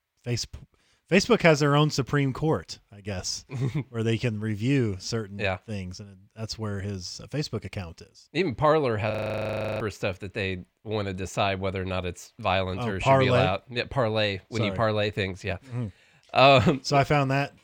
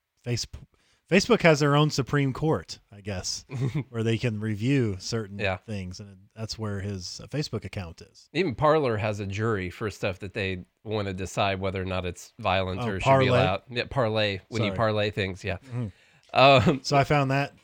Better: second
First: audio freezing; at 9 s for 0.5 s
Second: none

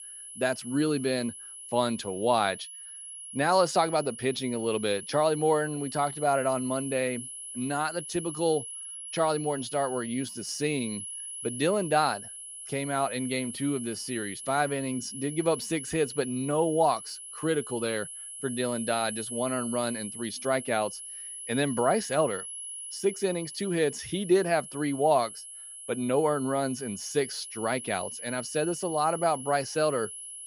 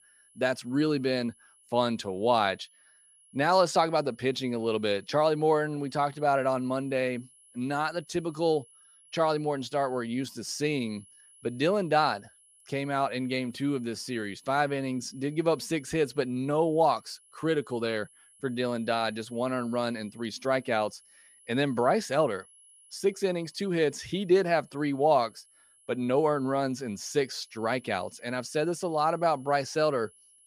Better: second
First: high-pitched whine; loud; throughout; 10.5 kHz, 9 dB below the speech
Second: high-pitched whine; faint; throughout; 10.5 kHz, 25 dB below the speech

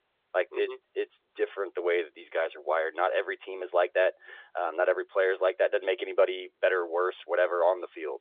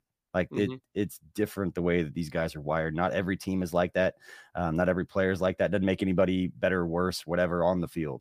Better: second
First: phone-call audio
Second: none

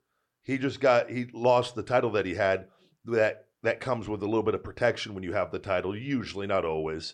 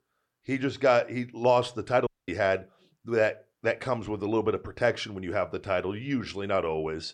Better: first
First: none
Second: audio cutting out; at 2 s

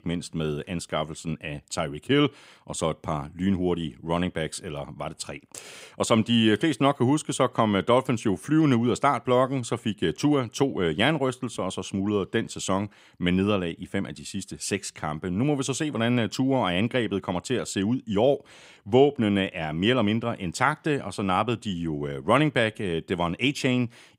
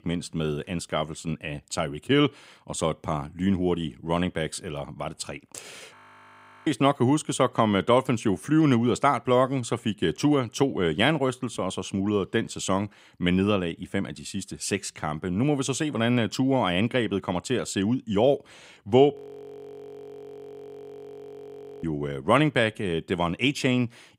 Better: first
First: none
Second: audio freezing; at 6 s for 0.5 s and at 19 s for 2.5 s

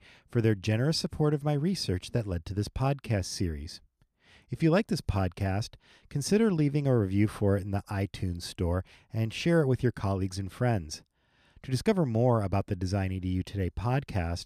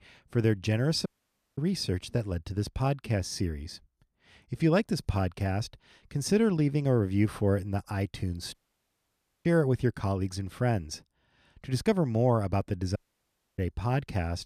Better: first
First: none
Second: audio cutting out; at 1 s for 0.5 s, at 8.5 s for 1 s and at 13 s for 0.5 s

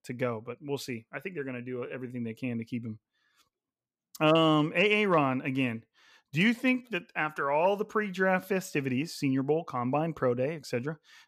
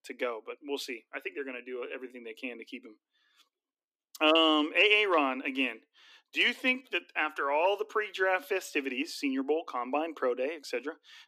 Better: first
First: none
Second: thin; very slightly; fading below 250 Hz

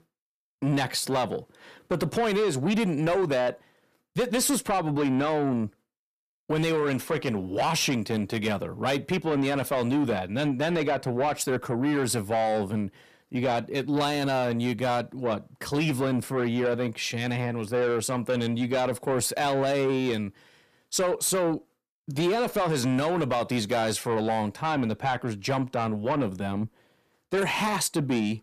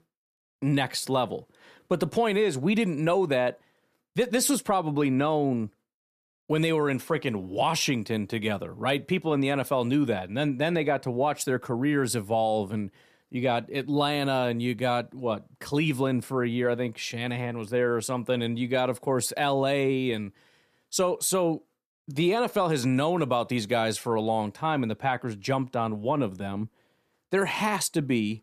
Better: second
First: distortion; slight; 10 dB below the speech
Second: none

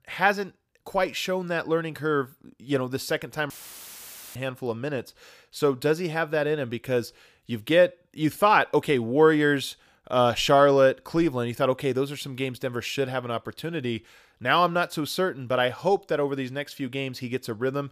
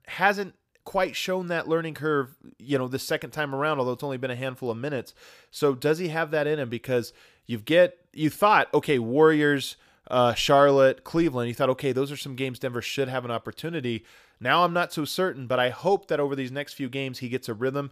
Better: second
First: audio cutting out; filled with static; at 3.5 s for 1 s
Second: none

